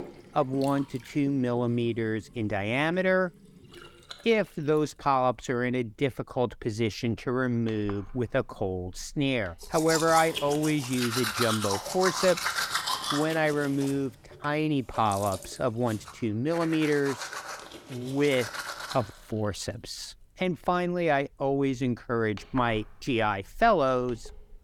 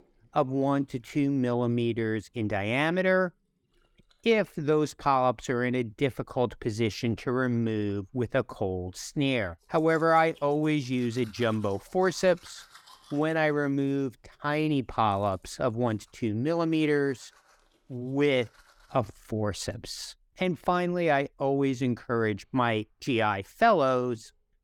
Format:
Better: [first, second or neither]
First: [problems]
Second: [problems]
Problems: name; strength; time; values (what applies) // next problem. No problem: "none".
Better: second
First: household noises; loud; throughout; 6 dB below the speech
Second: household noises; faint; throughout; 30 dB below the speech